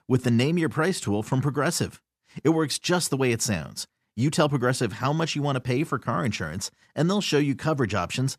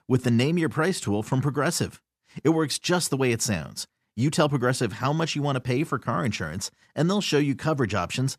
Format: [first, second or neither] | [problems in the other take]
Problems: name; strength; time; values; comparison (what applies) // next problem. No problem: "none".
neither | none